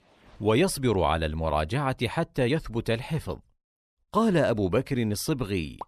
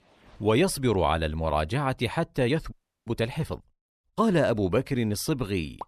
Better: first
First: none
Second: audio freezing; at 2.5 s

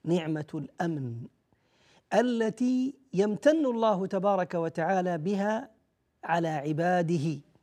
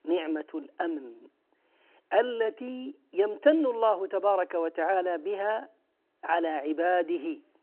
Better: first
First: none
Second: phone-call audio

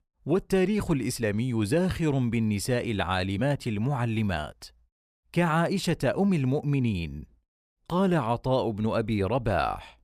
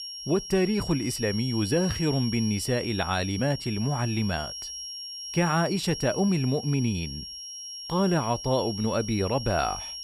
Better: first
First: none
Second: high-pitched whine; loud; throughout; 5.5 kHz, 8 dB below the speech

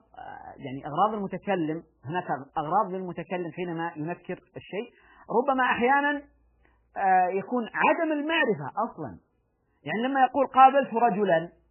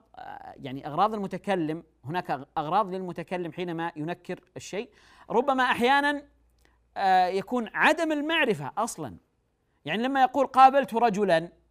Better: second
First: garbled, watery; badly; nothing above 3 kHz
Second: none

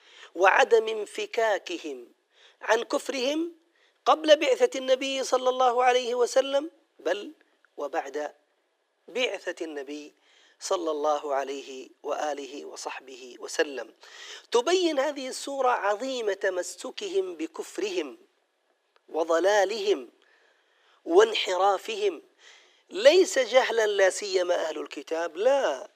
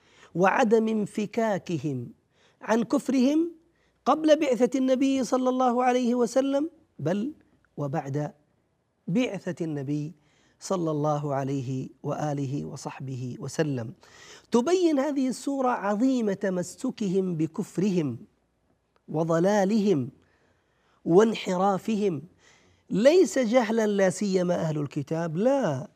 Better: second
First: thin; very; fading below 350 Hz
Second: none

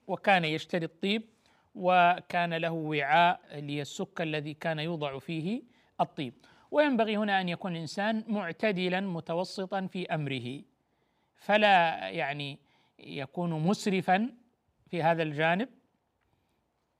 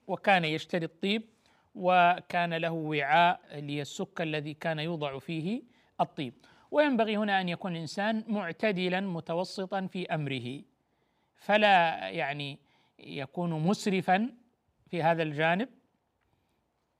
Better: neither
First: none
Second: none

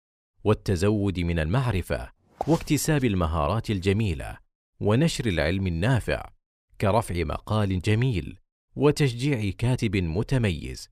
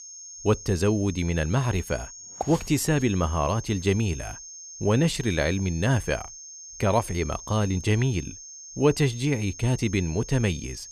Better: first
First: none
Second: high-pitched whine; noticeable; throughout; 6.5 kHz, 15 dB below the speech

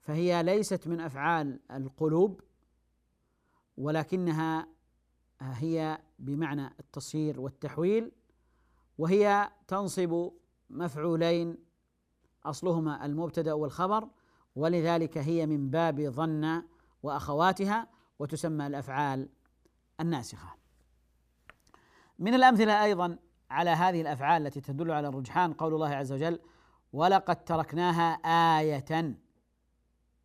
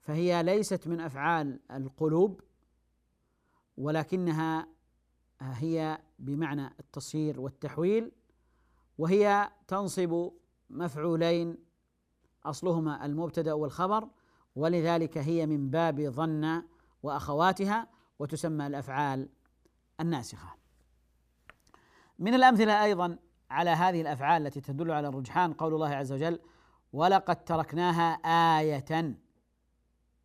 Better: neither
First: none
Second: none

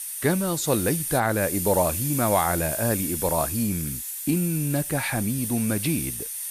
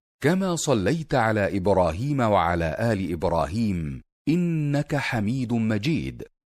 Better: second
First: hiss; loud; throughout; 3 dB below the speech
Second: none

